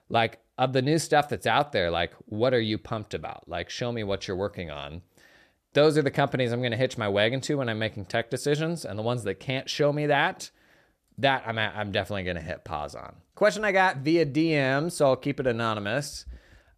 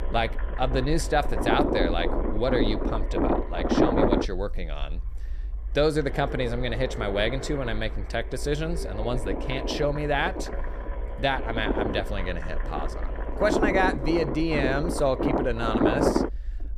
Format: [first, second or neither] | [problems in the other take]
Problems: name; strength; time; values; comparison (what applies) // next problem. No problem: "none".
first | low rumble; loud; throughout; 3 dB below the speech